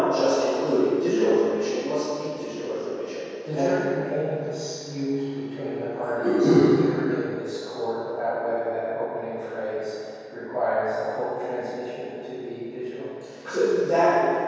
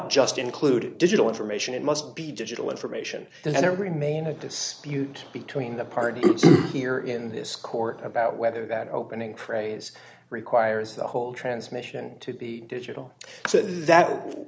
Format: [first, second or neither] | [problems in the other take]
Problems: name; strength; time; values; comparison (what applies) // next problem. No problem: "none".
second | room echo; dies away in 2.2 s